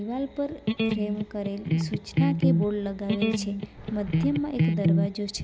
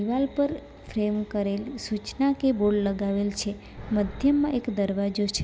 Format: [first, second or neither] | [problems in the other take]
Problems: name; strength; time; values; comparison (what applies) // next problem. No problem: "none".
second | background sound (Electric guitar); 5 dB above the speech